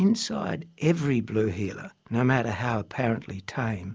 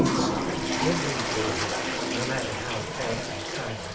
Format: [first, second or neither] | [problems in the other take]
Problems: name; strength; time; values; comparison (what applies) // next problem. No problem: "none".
first | background sound (Toilet flush); 5 dB above the speech // room echo; dies away in 0.3 s